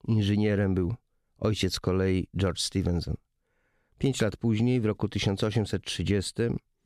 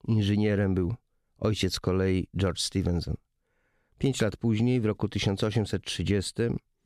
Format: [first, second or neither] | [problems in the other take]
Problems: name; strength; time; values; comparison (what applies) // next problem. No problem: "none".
neither | none